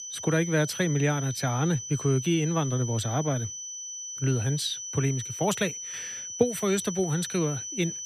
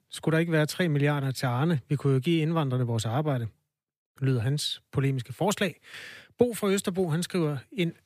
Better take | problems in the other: second | high-pitched whine; loud; throughout; 6 kHz, 7 dB below the speech

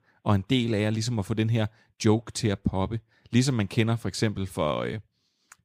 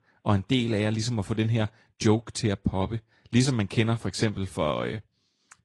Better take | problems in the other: first | garbled, watery; slightly; nothing above 10 kHz

